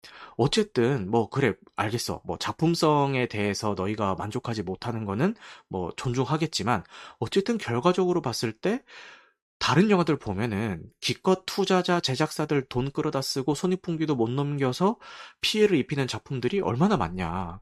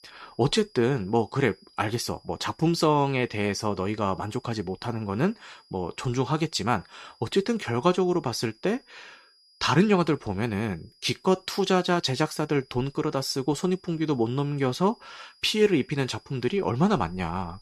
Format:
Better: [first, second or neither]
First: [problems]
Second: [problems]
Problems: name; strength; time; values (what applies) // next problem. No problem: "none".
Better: first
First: none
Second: high-pitched whine; faint; throughout; 5 kHz, 30 dB below the speech